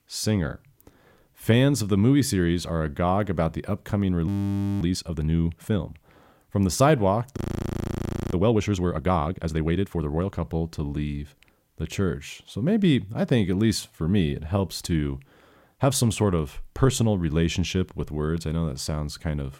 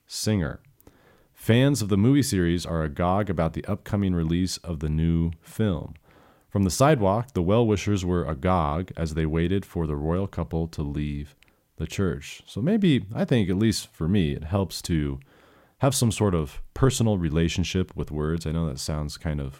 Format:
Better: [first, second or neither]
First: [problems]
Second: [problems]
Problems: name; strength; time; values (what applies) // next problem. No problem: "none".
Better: second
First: audio freezing; at 4.5 s for 0.5 s and at 7.5 s for 1 s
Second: none